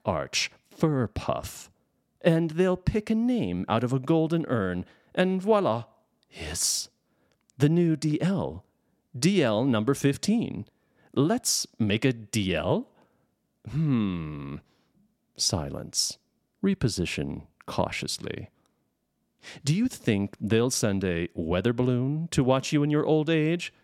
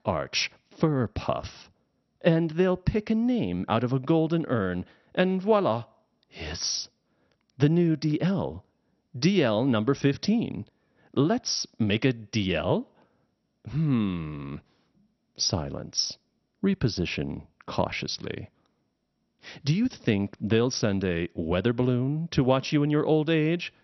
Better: first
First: none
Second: garbled, watery; slightly; nothing above 6 kHz

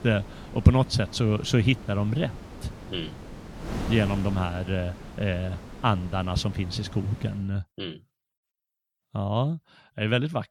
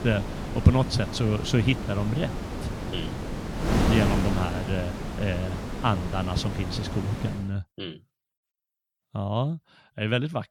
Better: first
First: wind noise on the microphone; occasional gusts; until 7.5 s; 15 dB below the speech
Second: wind noise on the microphone; heavy; until 7.5 s; 3 dB below the speech

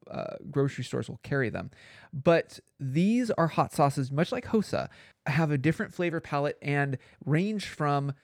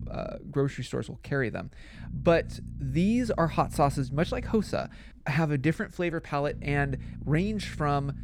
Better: first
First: none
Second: low rumble; faint; throughout; 20 dB below the speech

